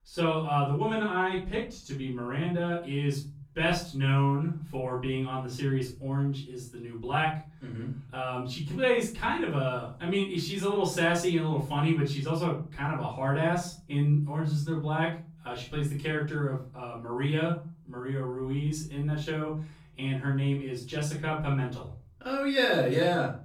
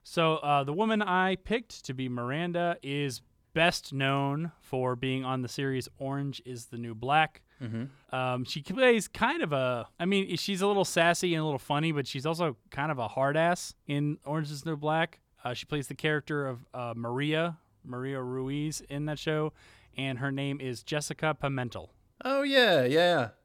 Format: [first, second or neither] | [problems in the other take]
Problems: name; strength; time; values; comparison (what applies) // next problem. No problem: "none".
second | off-mic speech; far // room echo; noticeable; dies away in 0.5 s